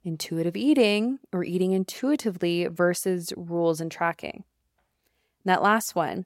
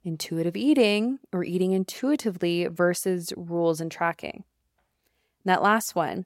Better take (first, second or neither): neither